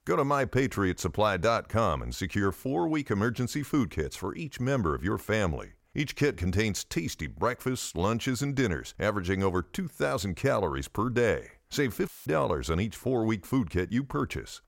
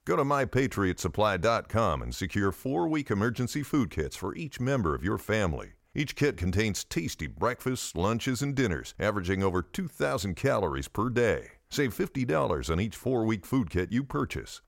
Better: second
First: audio cutting out; filled with static; at 12 s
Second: none

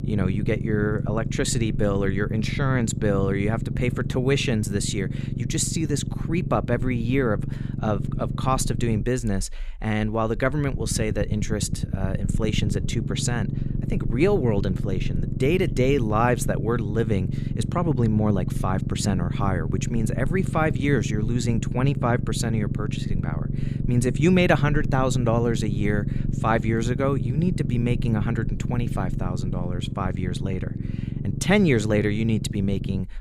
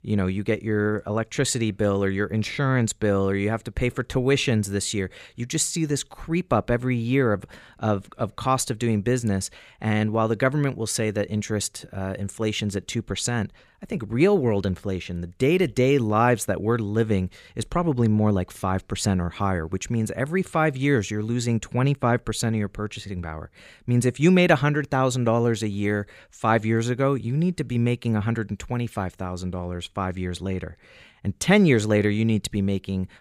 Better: second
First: low rumble; noticeable; throughout; 10 dB below the speech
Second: none

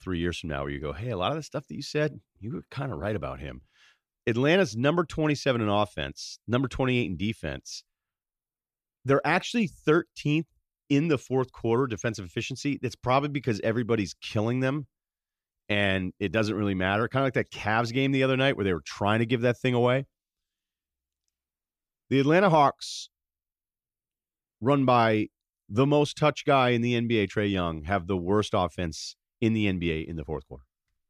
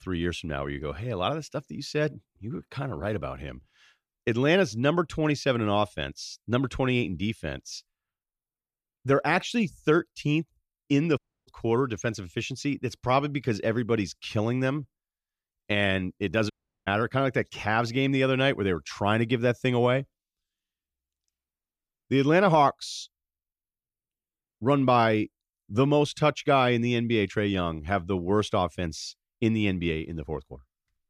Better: first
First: none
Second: audio cutting out; at 11 s and at 17 s

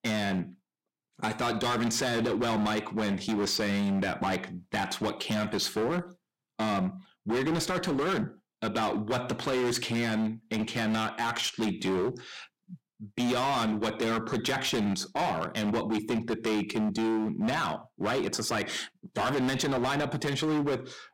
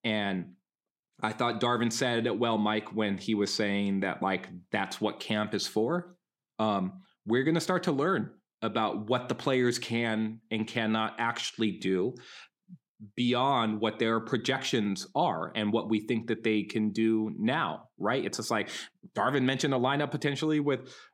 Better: second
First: distortion; heavy; 20% of the sound clipped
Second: none

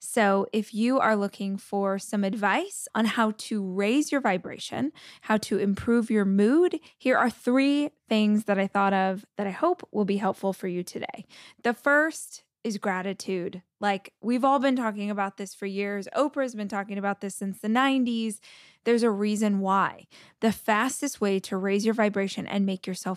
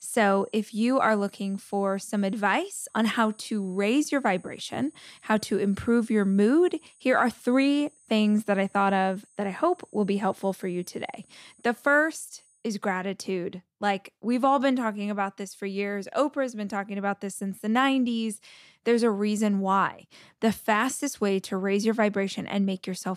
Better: first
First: none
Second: high-pitched whine; faint; until 13 s; 8.5 kHz, 30 dB below the speech

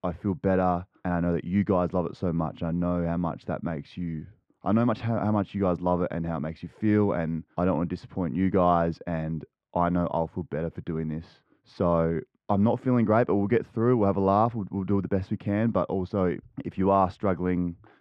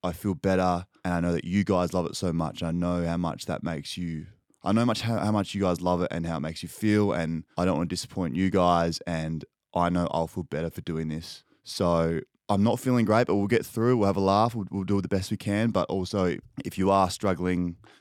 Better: second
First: muffled; very; fading above 1.5 kHz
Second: none

